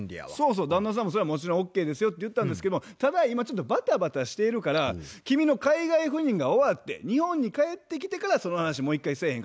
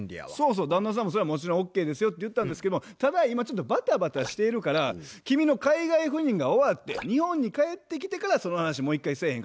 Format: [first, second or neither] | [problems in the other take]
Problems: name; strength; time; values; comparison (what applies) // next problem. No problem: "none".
first | noise reduction (neural separator model SepFormer DNS4)